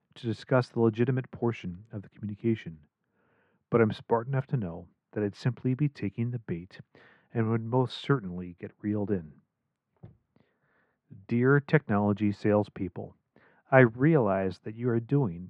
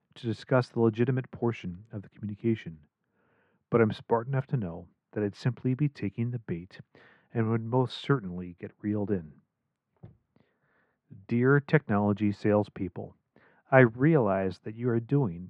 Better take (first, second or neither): neither